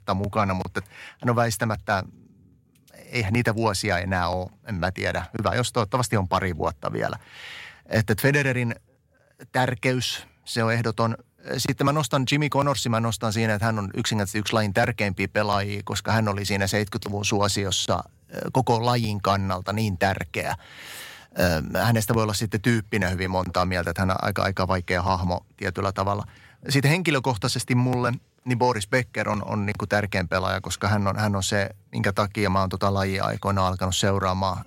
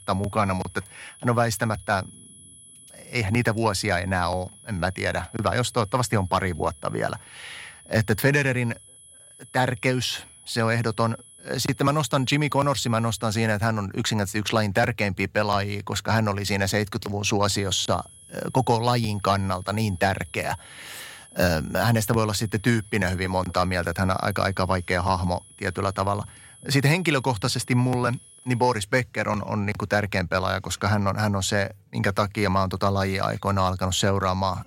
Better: first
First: none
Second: high-pitched whine; faint; until 14 s and from 17 to 29 s; 10.5 kHz, 20 dB below the speech

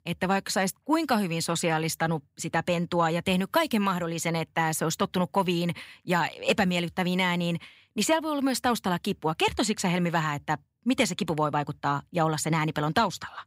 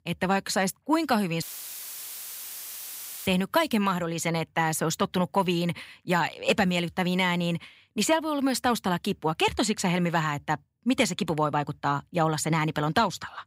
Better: first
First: none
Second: audio cutting out; filled with static; at 1.5 s for 2 s

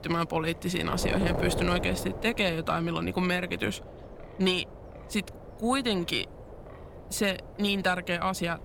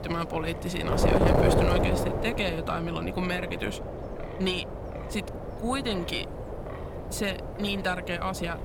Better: first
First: wind noise on the microphone; occasional gusts; 10 dB below the speech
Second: wind noise on the microphone; heavy; 1 dB below the speech

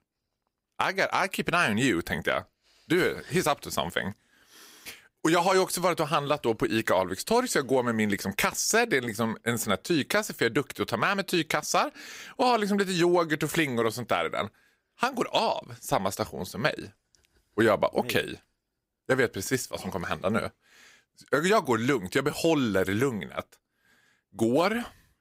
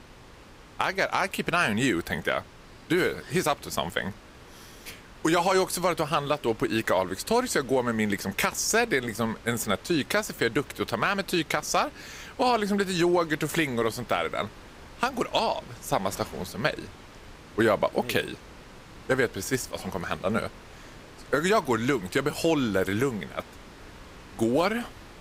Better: first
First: none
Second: wind noise on the microphone; occasional gusts; 20 dB below the speech

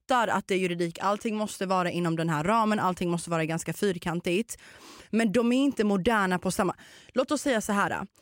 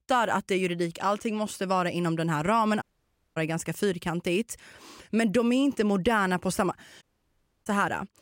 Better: first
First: none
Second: audio cutting out; at 3 s for 0.5 s and at 7 s for 0.5 s

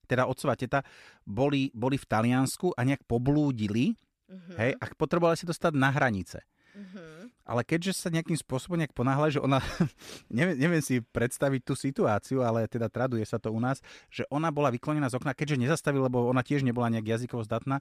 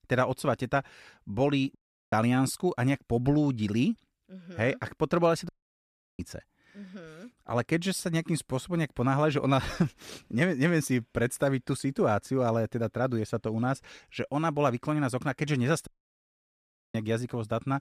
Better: first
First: none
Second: audio cutting out; at 2 s, at 5.5 s for 0.5 s and at 16 s for 1 s

